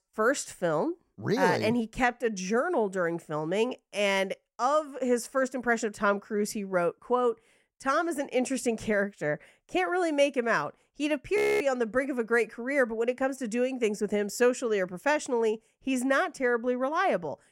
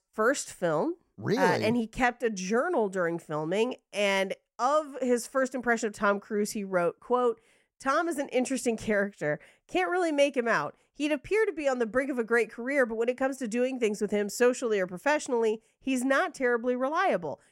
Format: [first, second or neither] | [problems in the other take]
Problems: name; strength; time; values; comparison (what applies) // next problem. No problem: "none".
second | audio freezing; at 11 s